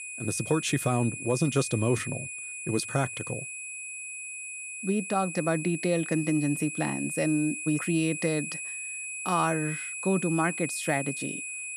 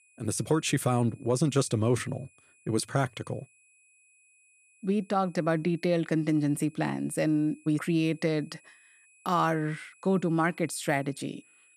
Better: second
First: high-pitched whine; loud; throughout; 2.5 kHz, 6 dB below the speech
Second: high-pitched whine; faint; throughout; 2.5 kHz, 30 dB below the speech

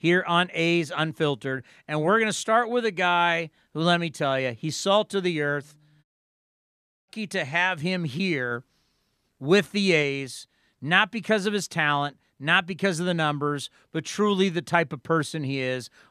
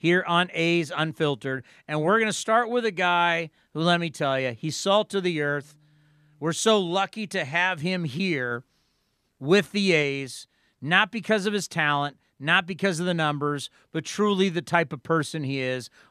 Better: second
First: audio cutting out; at 6 s for 1 s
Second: none

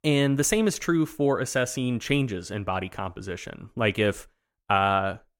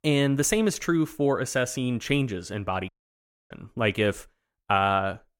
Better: first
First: none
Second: audio cutting out; at 3 s for 0.5 s

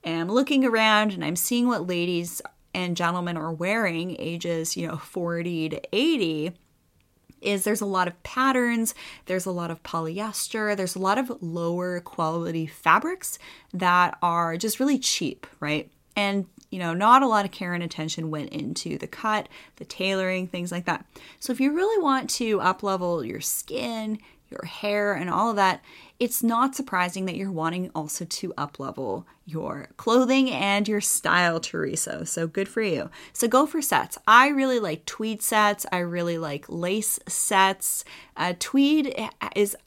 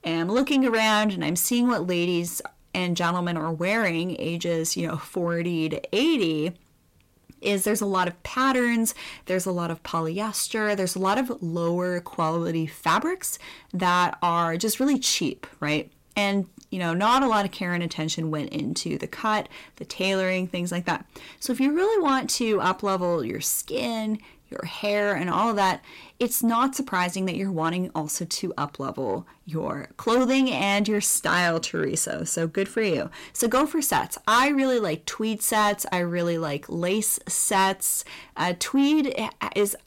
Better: first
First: none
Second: distortion; slight; 10 dB below the speech

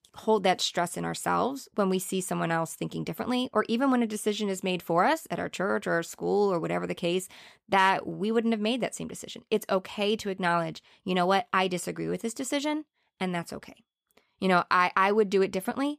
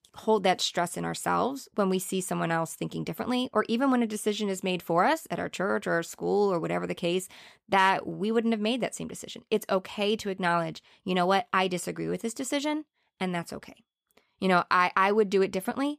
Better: neither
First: none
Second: none

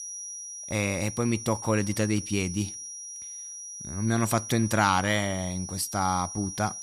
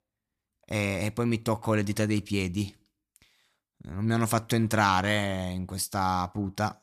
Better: second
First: high-pitched whine; loud; throughout; 5.5 kHz, 9 dB below the speech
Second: none

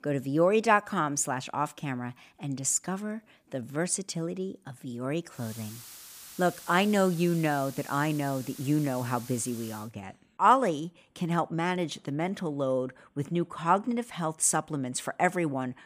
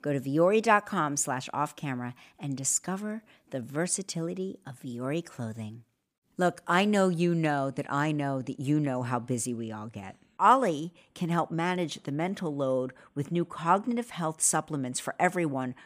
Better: second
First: hiss; noticeable; from 5.5 to 10 s; 15 dB below the speech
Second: none

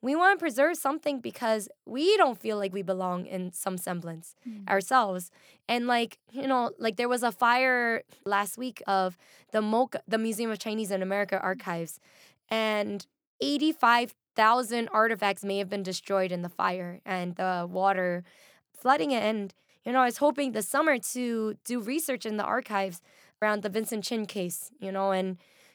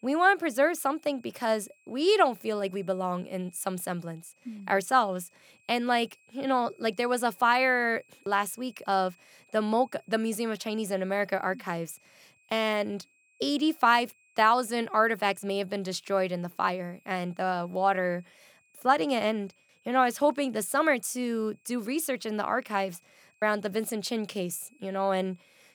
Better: first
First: none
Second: high-pitched whine; faint; throughout; 2.5 kHz, 35 dB below the speech

